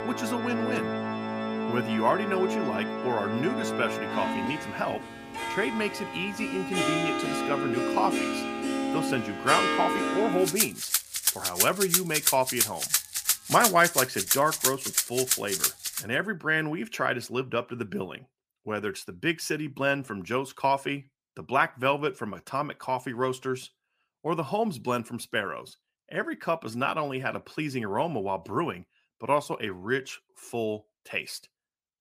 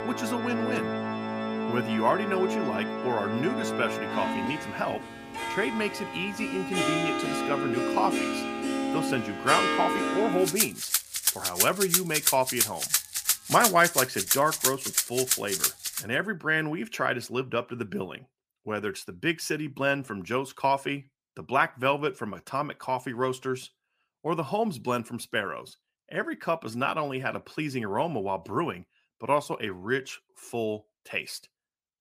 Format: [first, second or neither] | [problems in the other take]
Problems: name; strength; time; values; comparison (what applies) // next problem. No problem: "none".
neither | background music; very loud; until 16 s; 1 dB above the speech; the same in both